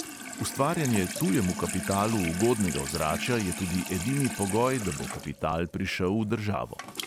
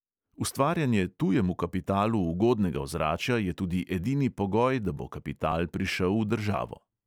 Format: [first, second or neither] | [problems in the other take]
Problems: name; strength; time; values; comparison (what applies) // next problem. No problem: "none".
second | background sound (Sink (filling or washing) / Water tap, faucet); 9 dB below the speech